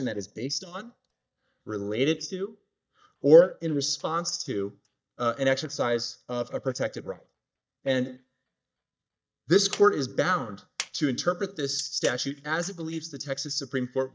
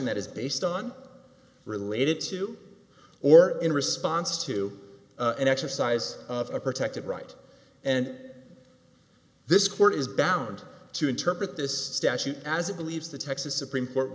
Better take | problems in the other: second | noise reduction (neural mask model DeepFilterNet 3)

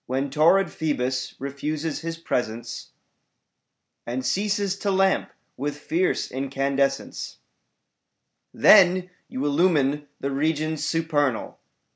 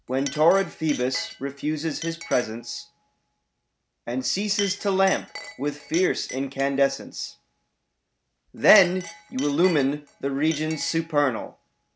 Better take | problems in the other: first | background sound (Chink, clink); 15 dB below the speech

